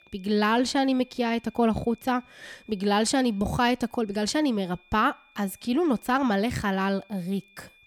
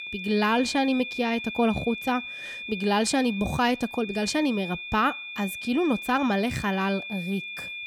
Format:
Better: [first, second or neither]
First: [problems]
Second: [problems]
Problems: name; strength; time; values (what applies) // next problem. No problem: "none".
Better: first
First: high-pitched whine; faint; throughout; 2.5 kHz, 30 dB below the speech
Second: high-pitched whine; loud; throughout; 2.5 kHz, 8 dB below the speech